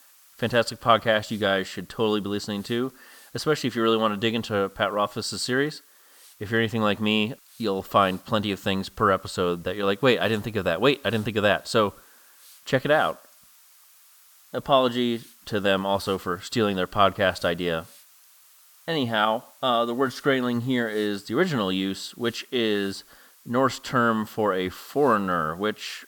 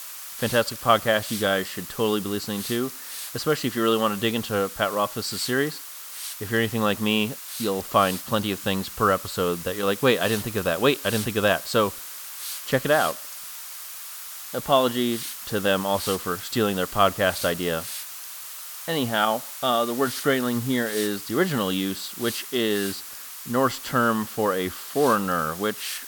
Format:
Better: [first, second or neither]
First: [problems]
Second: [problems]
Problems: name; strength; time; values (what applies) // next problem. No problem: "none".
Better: first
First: hiss; faint; throughout; 25 dB below the speech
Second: hiss; loud; throughout; 9 dB below the speech